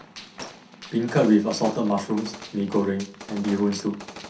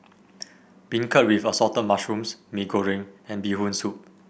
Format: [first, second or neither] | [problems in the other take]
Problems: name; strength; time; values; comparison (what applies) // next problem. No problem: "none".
second | background sound (Gunshot, gunfire); 16 dB below the speech // room echo; dies away in 0.3 s